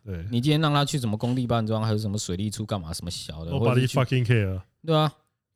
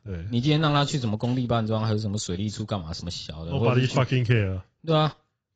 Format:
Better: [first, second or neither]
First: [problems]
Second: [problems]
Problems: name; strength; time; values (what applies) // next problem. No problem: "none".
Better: first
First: none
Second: garbled, watery; badly; nothing above 7.5 kHz